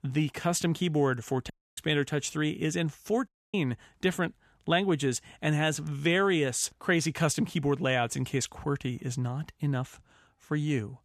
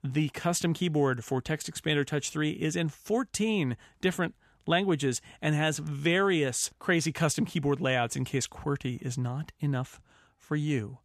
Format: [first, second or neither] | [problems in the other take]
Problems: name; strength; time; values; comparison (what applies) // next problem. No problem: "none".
second | audio cutting out; at 1.5 s and at 3.5 s